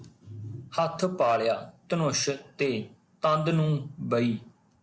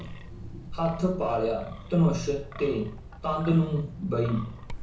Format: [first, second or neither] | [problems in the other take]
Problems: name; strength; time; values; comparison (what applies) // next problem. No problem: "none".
first | background sound (Wind); 12 dB below the speech // room echo; dies away in 0.6 s